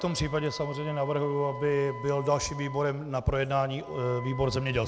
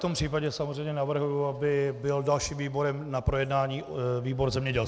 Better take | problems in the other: second | background sound (Wind instrument, woodwind instrument); 15 dB below the speech

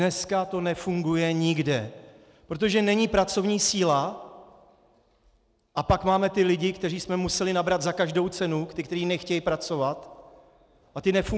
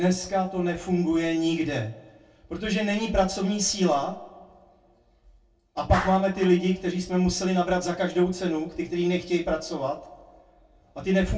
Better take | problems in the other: first | background sound (Clapping); 19 dB below the speech // room echo; dies away in 0.2 s

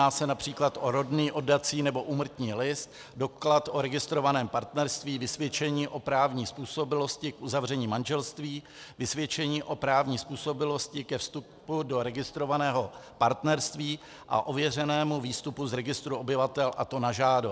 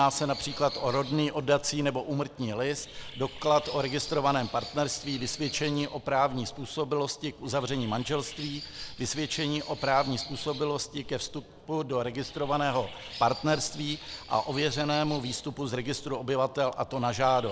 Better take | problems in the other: first | background sound (Bird); 14 dB below the speech

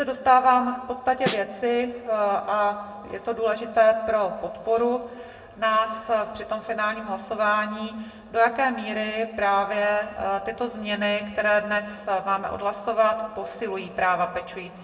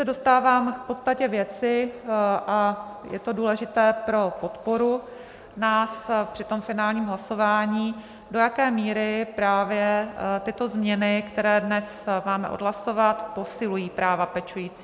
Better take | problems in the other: second | background sound (Snare drum); 5 dB below the speech // room echo; dies away in 0.9 s

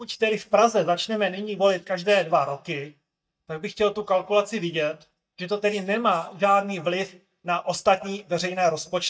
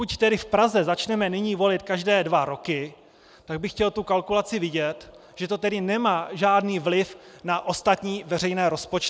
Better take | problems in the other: second | noise reduction (neural mask model DeepFilterNet 3)

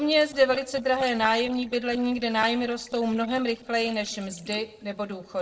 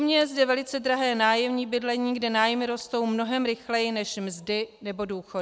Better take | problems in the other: second | noise reduction (neural separator model SepFormer DNS4)

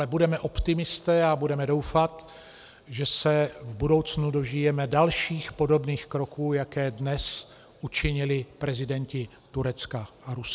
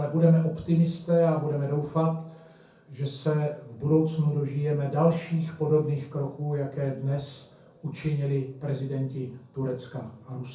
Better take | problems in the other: first | room echo; dies away in 0.6 s

